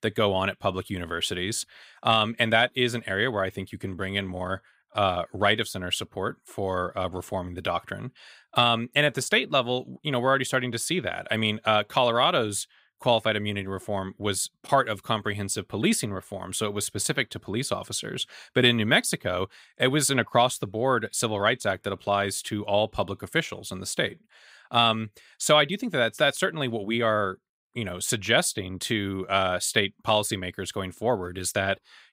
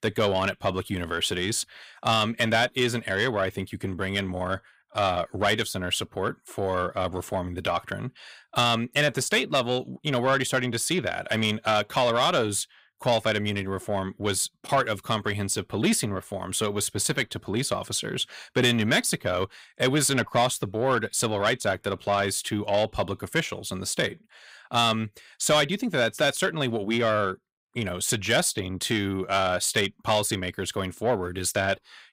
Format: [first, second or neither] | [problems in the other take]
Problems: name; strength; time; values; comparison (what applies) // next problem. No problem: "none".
first | distortion; slight; 10 dB below the speech